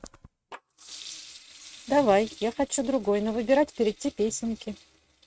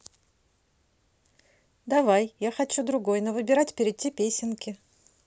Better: second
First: noise reduction (neural mask model RNNoise)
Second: none

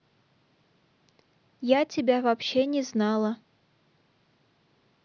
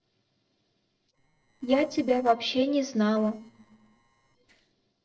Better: first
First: none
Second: noise reduction (neural separator model SepFormer DNS4)

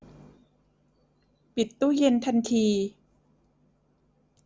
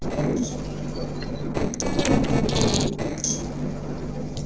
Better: first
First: none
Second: noise reduction (neural separator model SepFormer DNS4)

